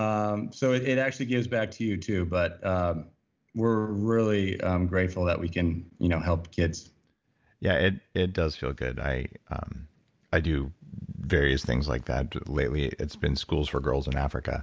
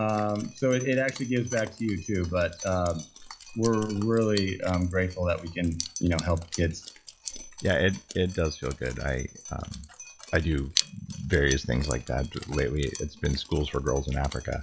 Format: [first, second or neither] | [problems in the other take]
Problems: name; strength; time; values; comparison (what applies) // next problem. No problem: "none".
first | noise reduction (classical method log-MMSE)